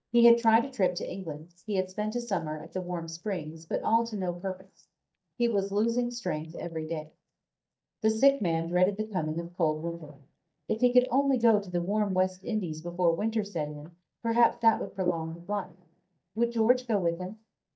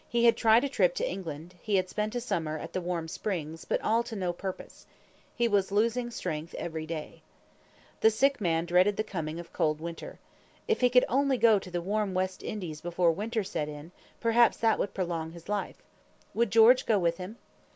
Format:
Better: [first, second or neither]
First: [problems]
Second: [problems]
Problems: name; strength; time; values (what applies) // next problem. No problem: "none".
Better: second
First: noise reduction (neural mask model DeepFilterNet 3)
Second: none